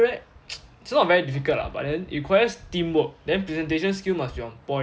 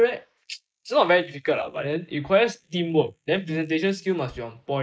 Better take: first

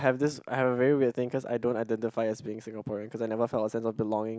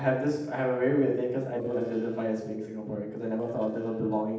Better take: first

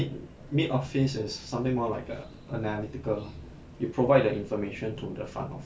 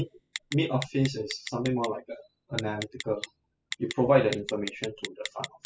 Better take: first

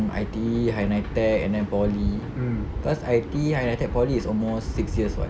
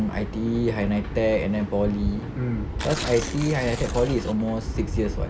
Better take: first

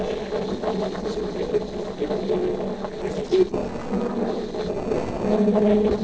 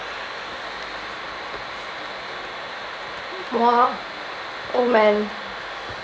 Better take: second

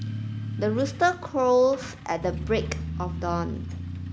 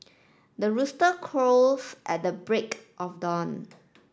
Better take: second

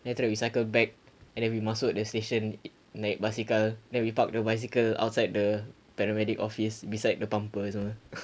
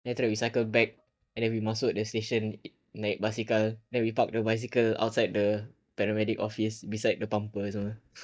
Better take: first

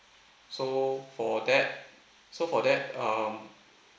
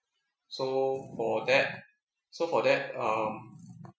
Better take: first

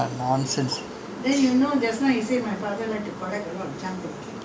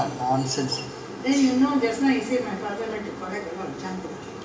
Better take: first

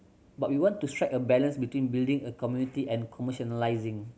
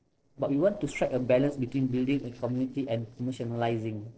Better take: first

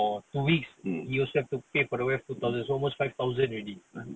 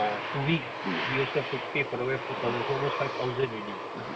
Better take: first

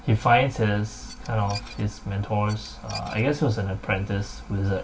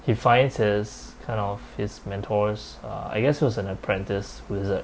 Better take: second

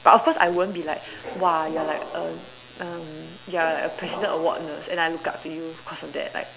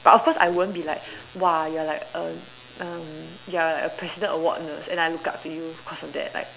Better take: second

